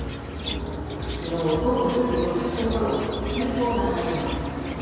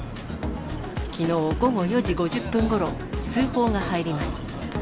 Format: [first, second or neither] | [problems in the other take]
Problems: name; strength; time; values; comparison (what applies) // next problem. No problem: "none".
second | background sound (Chirp, tweet); 16 dB below the speech // room echo; dies away in 2.2 s